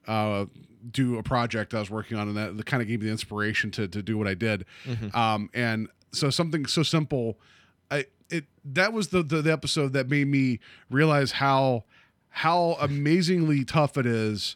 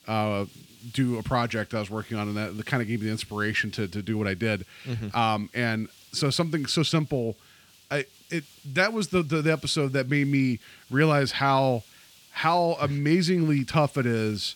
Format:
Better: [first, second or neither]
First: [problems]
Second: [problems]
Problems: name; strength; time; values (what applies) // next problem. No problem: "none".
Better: first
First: none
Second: hiss; faint; throughout; 25 dB below the speech